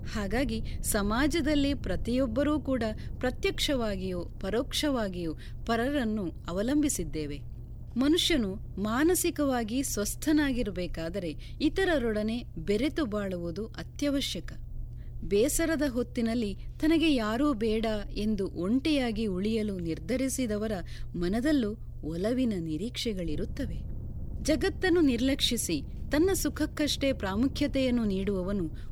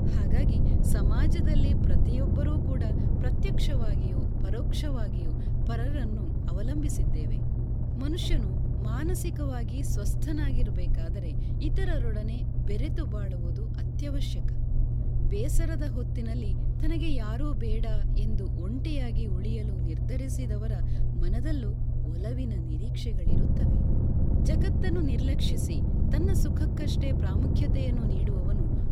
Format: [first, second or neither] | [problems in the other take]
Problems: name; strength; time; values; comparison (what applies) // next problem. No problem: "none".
first | low rumble; loud; throughout; 1 dB below the speech; faint in the first